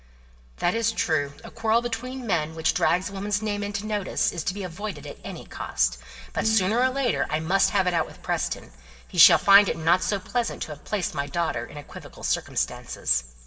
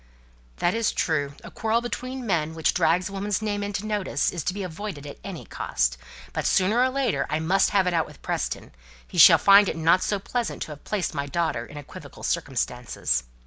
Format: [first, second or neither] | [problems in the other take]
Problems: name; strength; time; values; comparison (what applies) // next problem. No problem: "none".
second | background sound (Bowed string instrument); 15 dB below the speech // room echo; dies away in 2.2 s